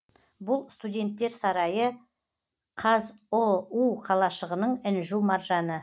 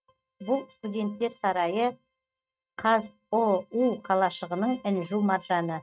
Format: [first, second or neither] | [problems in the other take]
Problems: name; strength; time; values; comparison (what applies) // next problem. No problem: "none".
first | noise reduction (neural mask model RNNoise)